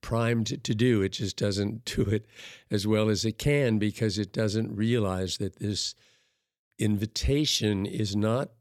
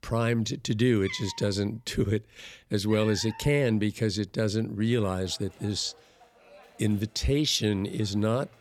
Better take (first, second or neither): first